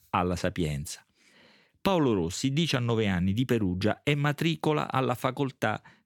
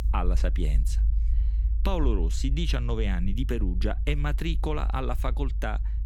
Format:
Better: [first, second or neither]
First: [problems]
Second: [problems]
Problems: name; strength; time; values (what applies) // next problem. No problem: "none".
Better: first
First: none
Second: low rumble; noticeable; throughout; 15 dB below the speech